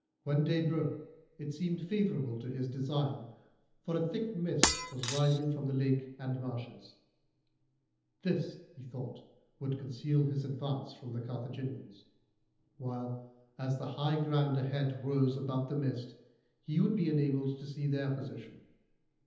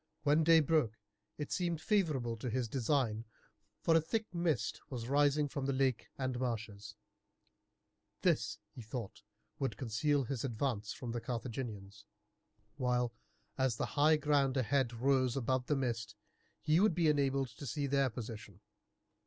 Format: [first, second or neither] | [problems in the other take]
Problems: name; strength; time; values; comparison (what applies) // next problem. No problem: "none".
second | background sound (Shatter); as loud as the speech // room echo; dies away in 0.9 s